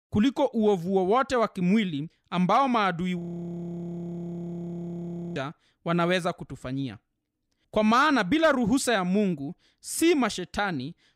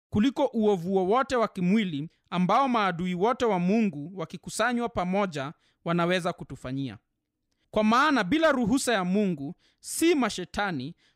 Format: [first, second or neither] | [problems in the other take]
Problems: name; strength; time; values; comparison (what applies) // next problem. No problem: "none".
second | audio freezing; at 3 s for 2 s